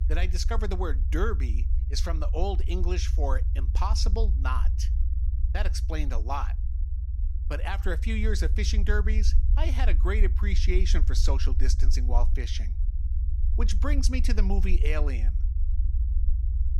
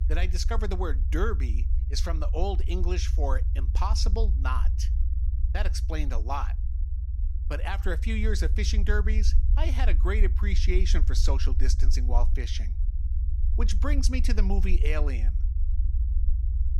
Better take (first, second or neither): neither